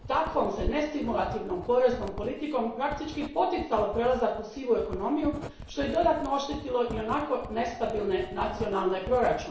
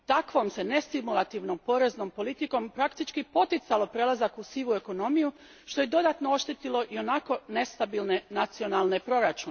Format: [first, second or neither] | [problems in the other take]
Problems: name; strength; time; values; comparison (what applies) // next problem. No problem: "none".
second | background sound (Writing); 12 dB below the speech // room echo; dies away in 0.6 s